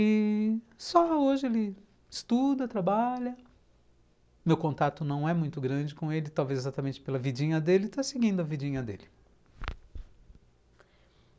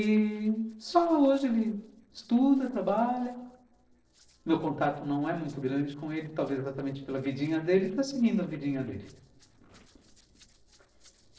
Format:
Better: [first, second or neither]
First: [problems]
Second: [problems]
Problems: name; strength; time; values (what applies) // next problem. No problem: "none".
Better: first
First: none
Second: noise reduction (neural separator model SepFormer DNS4)